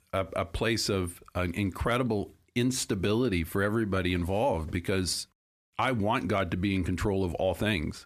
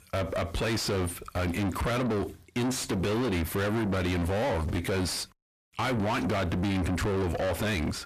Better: first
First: none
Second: distortion; heavy; 6 dB below the speech

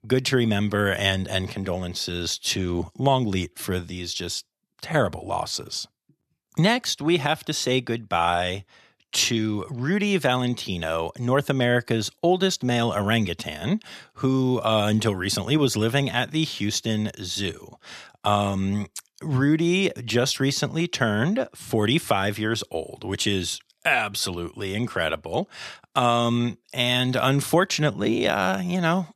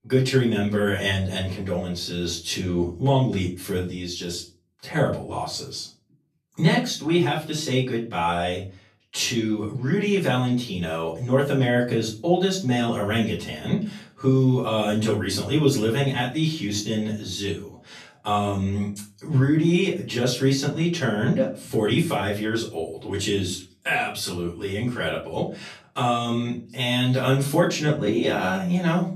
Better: first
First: none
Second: room echo; slight; dies away in 0.3 s // off-mic speech; far

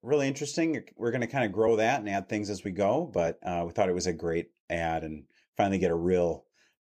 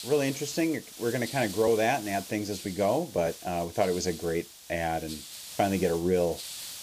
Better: first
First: none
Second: hiss; noticeable; throughout; 10 dB below the speech

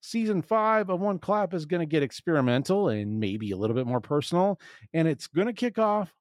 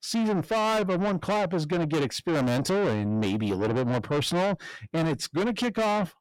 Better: first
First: none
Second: distortion; heavy; 6 dB below the speech

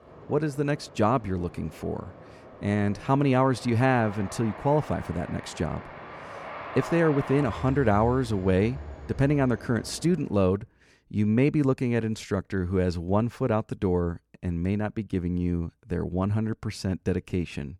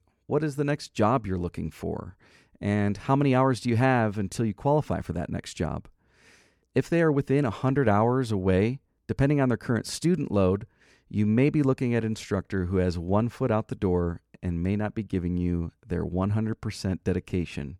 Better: second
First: train or aircraft noise; noticeable; until 10 s; 15 dB below the speech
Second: none

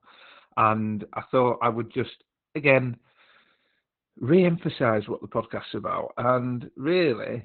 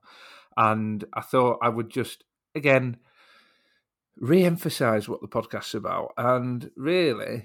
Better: second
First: garbled, watery; badly; nothing above 4 kHz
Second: none

